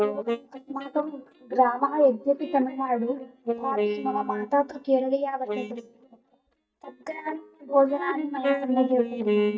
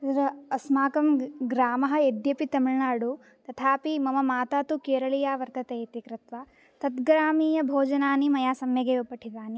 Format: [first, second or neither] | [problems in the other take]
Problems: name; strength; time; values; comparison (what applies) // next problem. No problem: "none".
second | noise reduction (neural mask model DeepFilterNet 3)